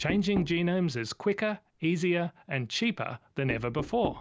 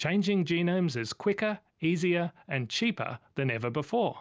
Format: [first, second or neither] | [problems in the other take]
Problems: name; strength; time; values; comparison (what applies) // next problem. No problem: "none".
second | background sound (Knock); 12 dB below the speech